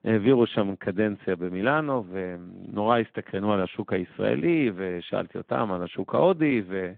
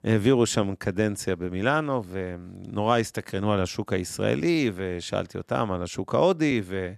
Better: second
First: phone-call audio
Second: none

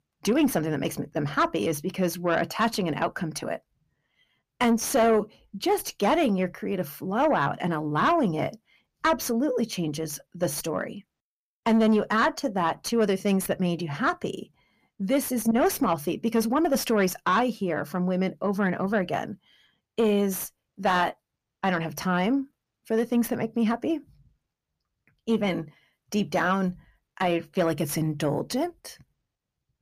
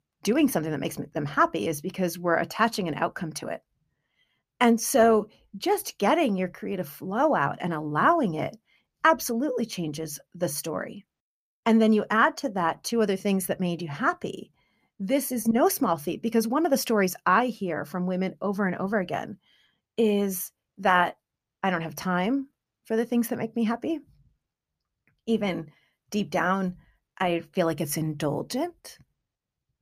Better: second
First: distortion; slight; 10 dB below the speech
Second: none

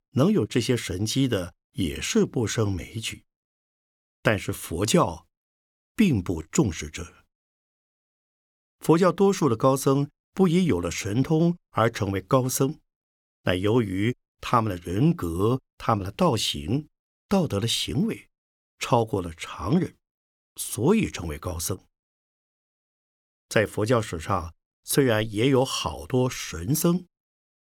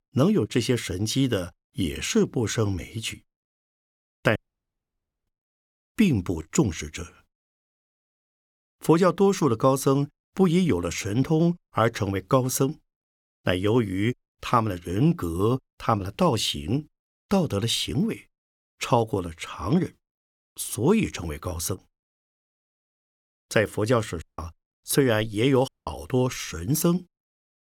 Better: first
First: none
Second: audio cutting out; at 4.5 s for 1 s, at 24 s and at 26 s

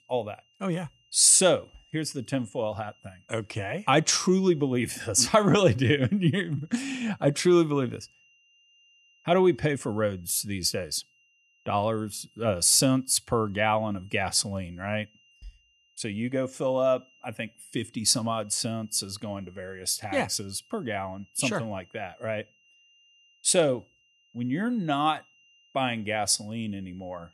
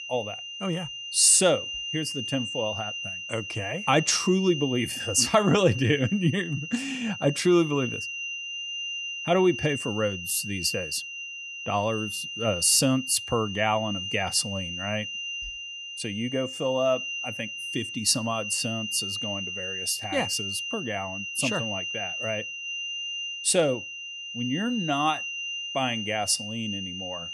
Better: first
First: high-pitched whine; faint; throughout; 3 kHz, 35 dB below the speech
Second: high-pitched whine; loud; throughout; 3 kHz, 6 dB below the speech

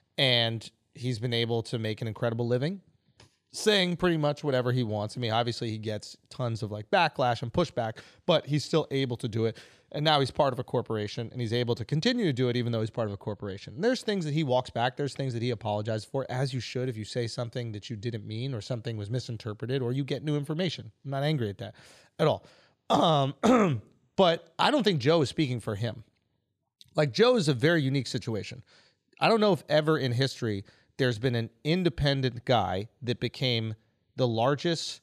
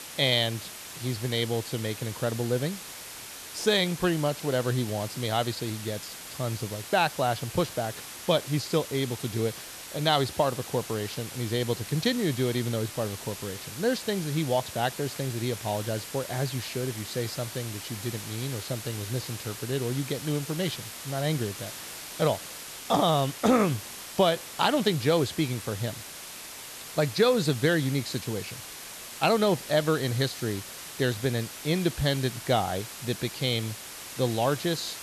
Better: first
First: none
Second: hiss; loud; throughout; 10 dB below the speech

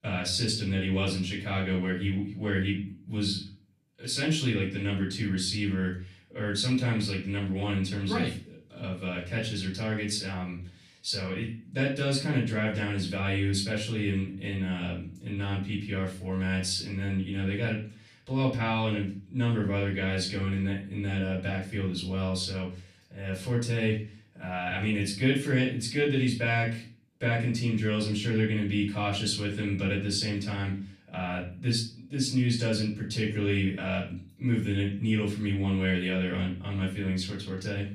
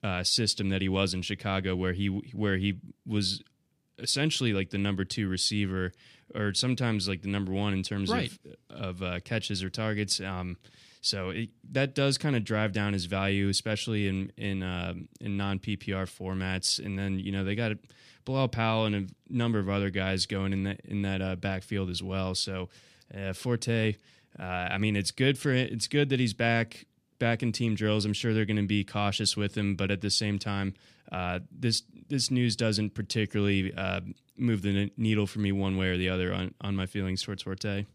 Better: second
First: room echo; slight; dies away in 0.4 s // off-mic speech; far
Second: none

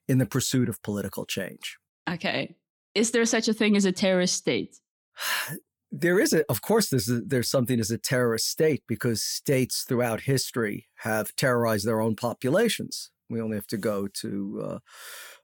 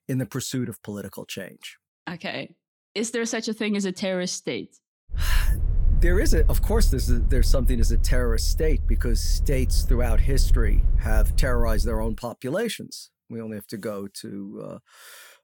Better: first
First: none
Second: low rumble; noticeable; from 5 to 12 s; 15 dB below the speech

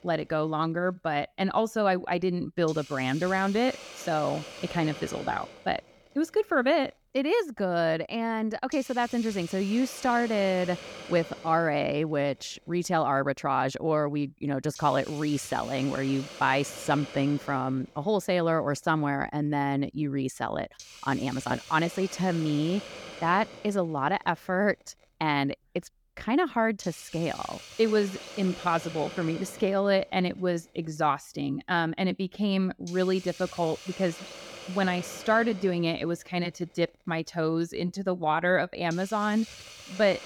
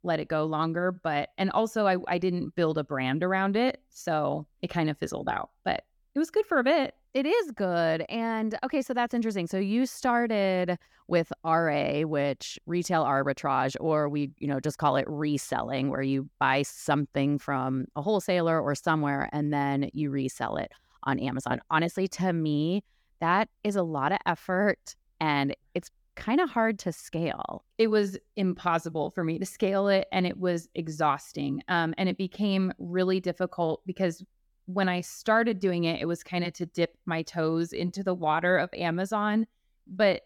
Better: second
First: hiss; noticeable; throughout; 15 dB below the speech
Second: none

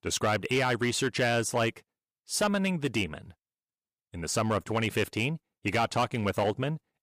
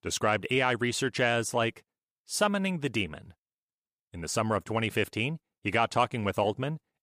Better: second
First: distortion; slight; 5% of the sound clipped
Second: none

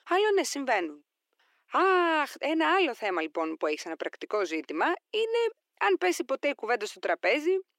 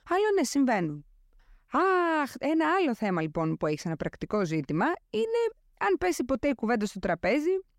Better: second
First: thin; somewhat; fading below 350 Hz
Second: none

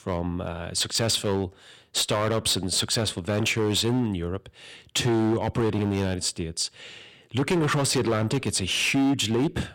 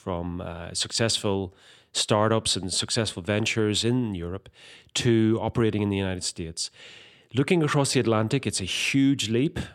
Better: second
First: distortion; heavy; 11% of the sound clipped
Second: none

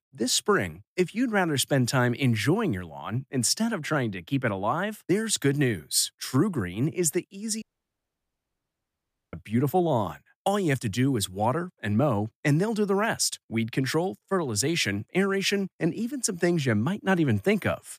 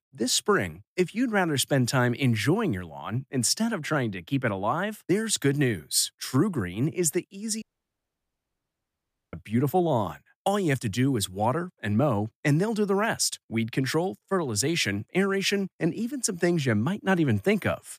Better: neither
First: audio cutting out; at 7.5 s for 1.5 s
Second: audio cutting out; at 7.5 s for 1.5 s

